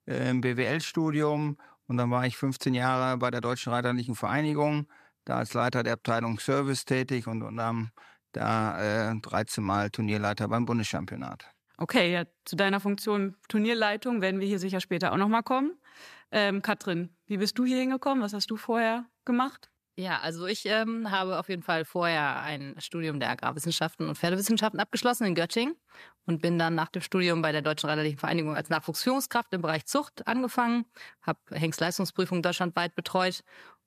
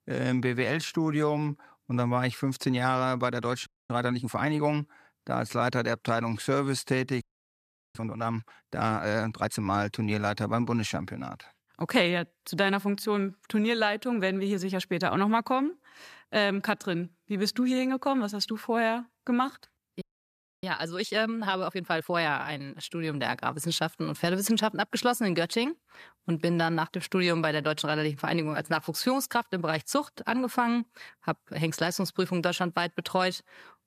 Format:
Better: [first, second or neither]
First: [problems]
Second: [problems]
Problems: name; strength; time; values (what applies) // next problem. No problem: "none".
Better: first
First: none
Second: audio freezing; at 3.5 s, at 7 s for 0.5 s and at 20 s for 0.5 s